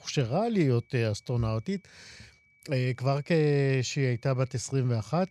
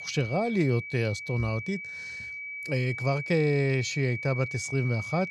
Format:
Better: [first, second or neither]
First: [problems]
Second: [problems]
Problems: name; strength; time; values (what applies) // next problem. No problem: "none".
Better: first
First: high-pitched whine; faint; throughout; 2.5 kHz, 35 dB below the speech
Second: high-pitched whine; loud; throughout; 2.5 kHz, 7 dB below the speech